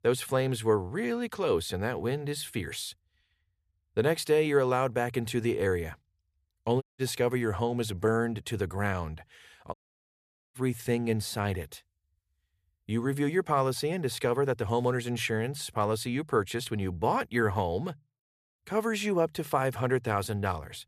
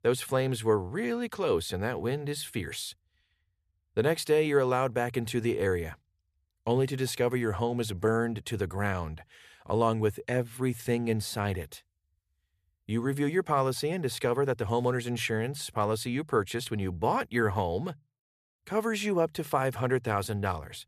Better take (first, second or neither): second